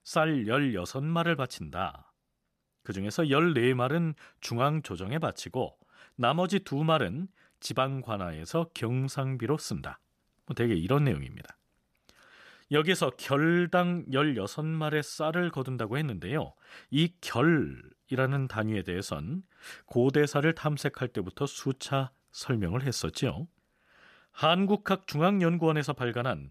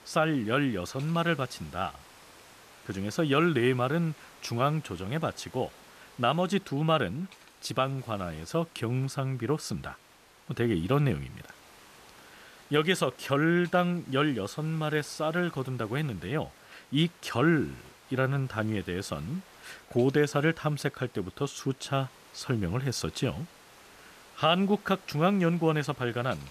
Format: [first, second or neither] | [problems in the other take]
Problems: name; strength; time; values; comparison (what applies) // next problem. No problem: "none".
first | hiss; faint; throughout; 25 dB below the speech